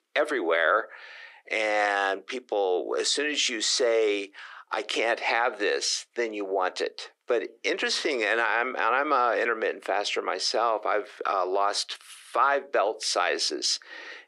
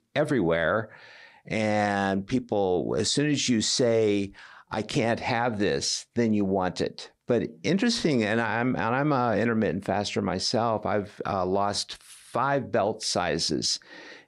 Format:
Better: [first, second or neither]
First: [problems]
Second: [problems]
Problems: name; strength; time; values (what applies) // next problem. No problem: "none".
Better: second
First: thin; very; fading below 350 Hz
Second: none